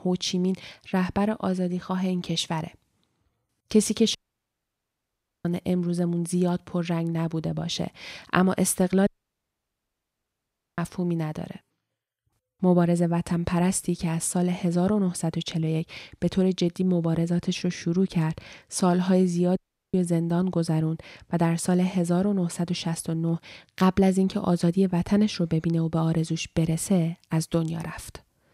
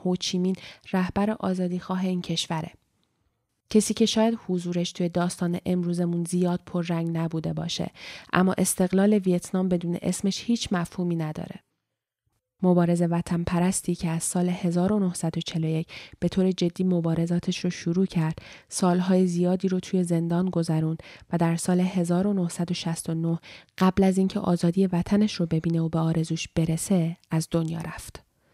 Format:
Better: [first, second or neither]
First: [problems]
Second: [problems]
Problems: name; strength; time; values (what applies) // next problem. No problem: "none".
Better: second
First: audio cutting out; at 4 s for 1.5 s, at 9 s for 1.5 s and at 20 s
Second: none